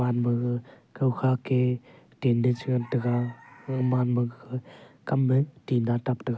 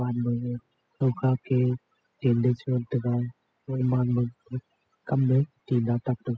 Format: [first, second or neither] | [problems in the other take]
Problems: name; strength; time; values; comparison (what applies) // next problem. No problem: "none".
first | noise reduction (classical method spectral subtraction)